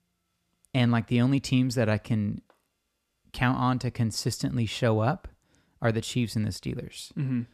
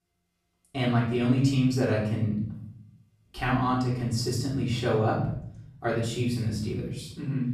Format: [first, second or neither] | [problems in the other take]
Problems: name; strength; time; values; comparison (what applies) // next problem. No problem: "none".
first | off-mic speech; far // room echo; noticeable; dies away in 0.6 s